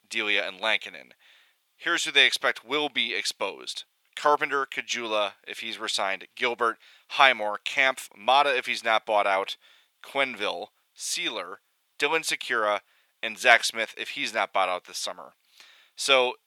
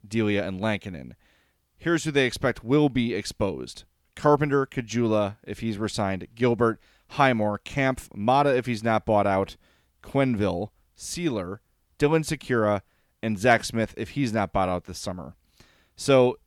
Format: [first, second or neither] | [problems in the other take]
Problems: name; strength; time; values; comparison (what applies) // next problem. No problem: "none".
second | thin; very; fading below 800 Hz